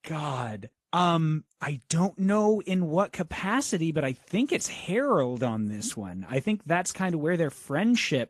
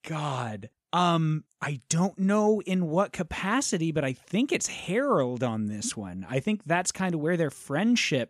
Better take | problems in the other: second | garbled, watery; slightly

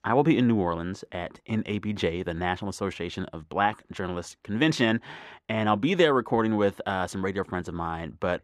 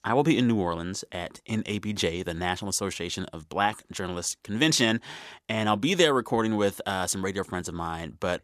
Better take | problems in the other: second | muffled; slightly; fading above 4 kHz

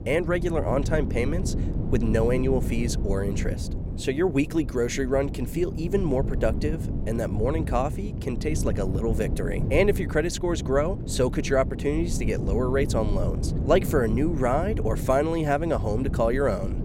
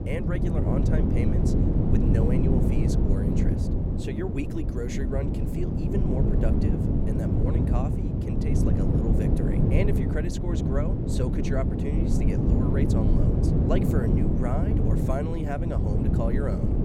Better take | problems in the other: first | wind noise on the microphone; heavy; 3 dB above the speech; occasional gusts in the first

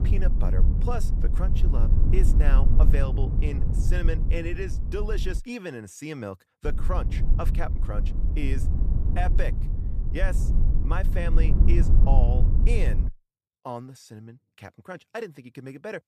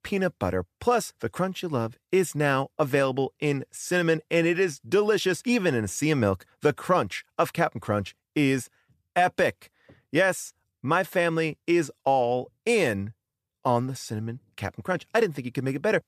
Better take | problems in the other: second | low rumble; loud; until 5.5 s and from 6.5 to 13 s; 5 dB below the speech

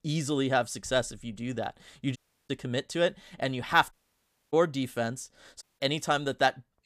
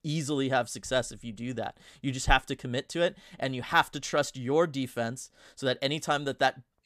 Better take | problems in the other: second | audio cutting out; at 2 s, at 4 s for 0.5 s and at 5.5 s

